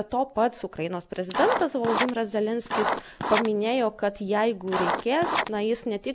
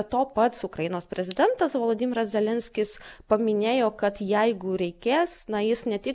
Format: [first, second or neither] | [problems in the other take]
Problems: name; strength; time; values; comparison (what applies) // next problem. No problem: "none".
second | background sound (Writing); 3 dB below the speech